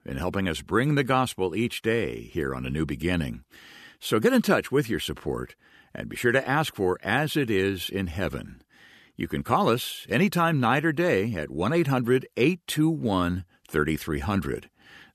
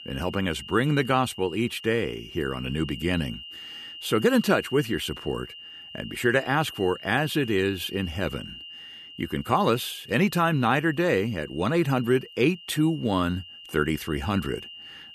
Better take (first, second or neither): first